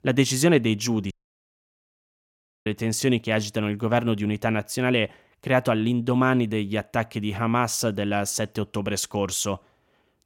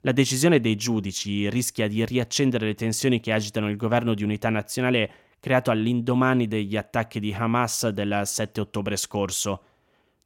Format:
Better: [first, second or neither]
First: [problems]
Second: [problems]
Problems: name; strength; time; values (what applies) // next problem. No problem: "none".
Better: second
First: audio cutting out; at 1 s for 1.5 s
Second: none